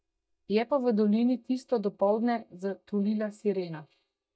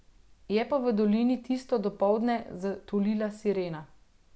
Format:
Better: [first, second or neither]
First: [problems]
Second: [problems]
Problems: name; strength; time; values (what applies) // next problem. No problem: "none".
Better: second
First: noise reduction (neural mask model DeepFilterNet 3)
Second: none